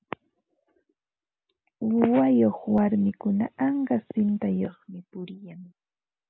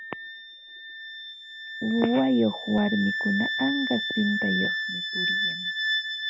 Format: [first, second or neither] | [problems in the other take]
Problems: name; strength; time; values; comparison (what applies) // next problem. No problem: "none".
first | background sound (Wind instrument, woodwind instrument); 3 dB below the speech